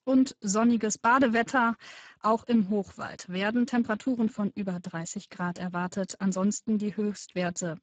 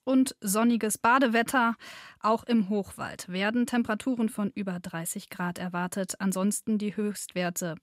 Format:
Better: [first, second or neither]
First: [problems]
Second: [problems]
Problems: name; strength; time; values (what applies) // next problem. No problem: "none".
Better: second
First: garbled, watery; badly; nothing above 7.5 kHz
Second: none